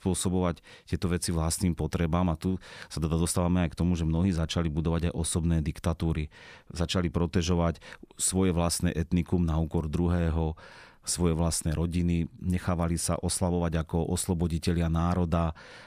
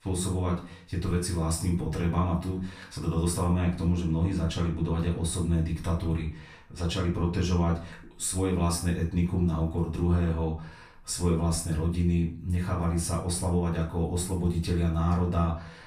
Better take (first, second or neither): first